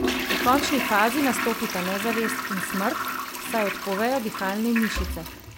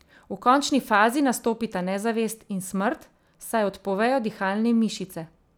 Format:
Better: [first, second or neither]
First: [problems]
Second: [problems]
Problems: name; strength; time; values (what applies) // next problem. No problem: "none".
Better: second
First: background sound (Toilet flush); 3 dB below the speech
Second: none